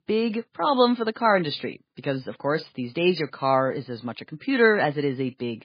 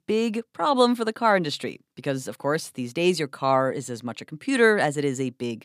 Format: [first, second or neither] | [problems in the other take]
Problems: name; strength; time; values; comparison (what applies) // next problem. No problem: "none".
second | garbled, watery; badly; nothing above 4 kHz